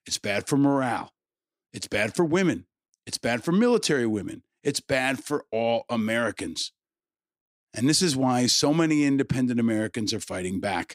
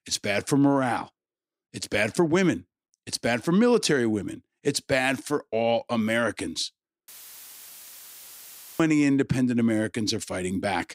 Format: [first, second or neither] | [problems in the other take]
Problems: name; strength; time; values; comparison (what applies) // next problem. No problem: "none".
first | audio cutting out; filled with static; at 7 s for 1.5 s